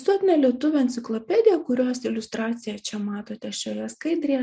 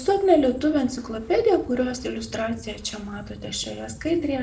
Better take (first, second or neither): first